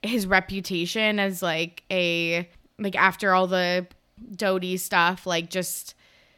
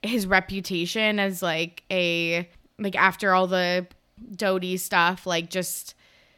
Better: neither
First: none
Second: none

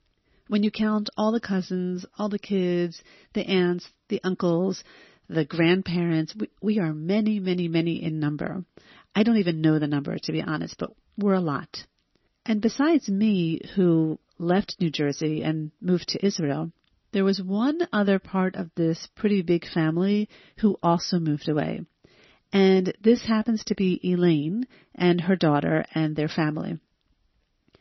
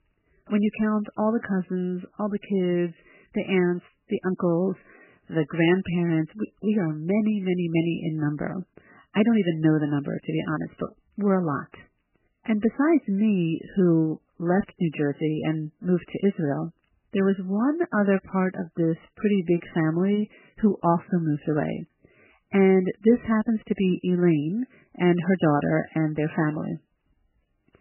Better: first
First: garbled, watery; slightly; nothing above 6 kHz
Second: garbled, watery; badly; nothing above 3 kHz

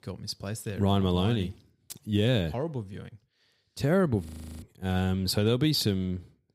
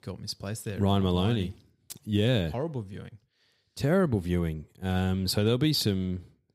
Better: second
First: audio freezing; at 4.5 s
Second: none

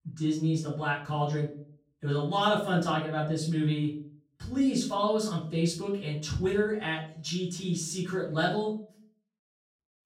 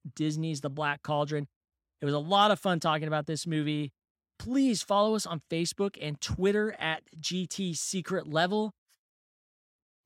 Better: second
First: room echo; slight; dies away in 0.4 s // off-mic speech; far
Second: none

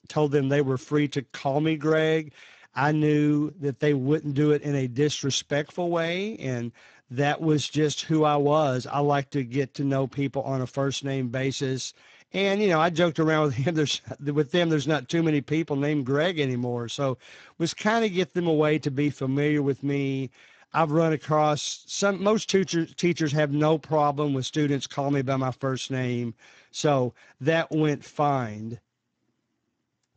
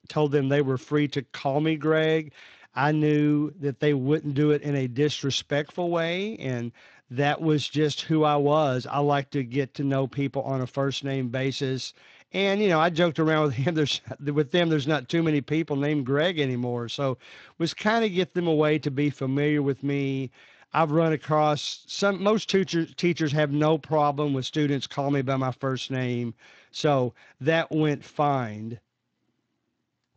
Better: second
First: garbled, watery; badly; nothing above 7.5 kHz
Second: garbled, watery; slightly

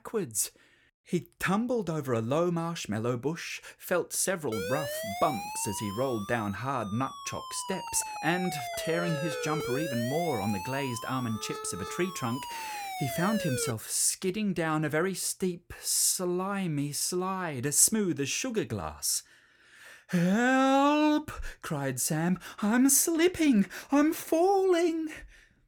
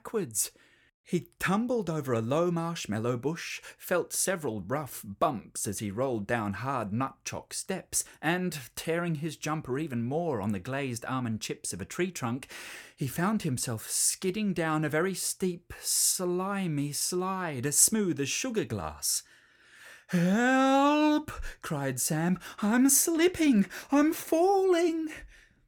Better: second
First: siren; noticeable; from 4.5 to 14 s; peak 5 dB below the speech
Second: none

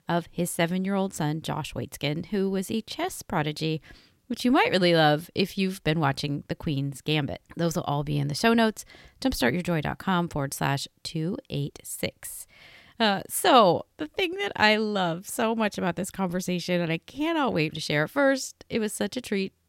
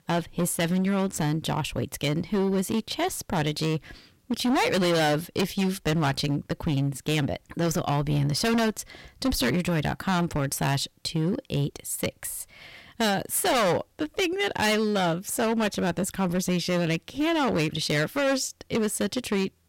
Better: first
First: none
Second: distortion; heavy; 15% of the sound clipped

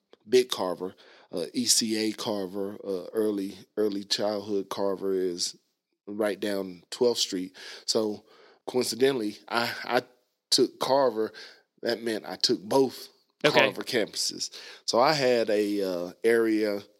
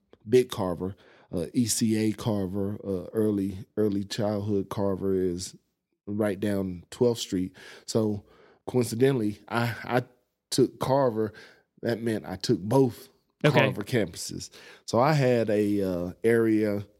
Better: second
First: thin; very slightly; fading below 300 Hz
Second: none

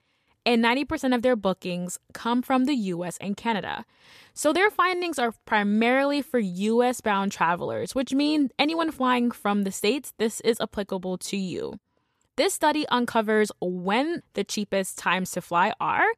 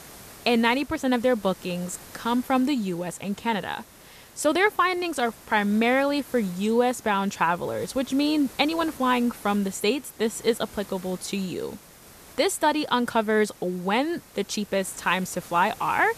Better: first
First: none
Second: hiss; faint; throughout; 20 dB below the speech

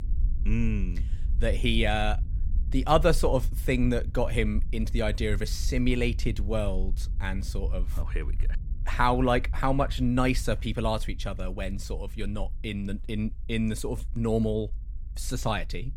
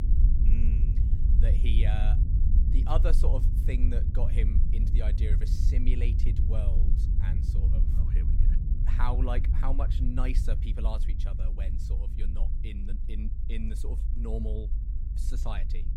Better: first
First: low rumble; faint; throughout; 25 dB below the speech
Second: low rumble; loud; throughout; 5 dB below the speech

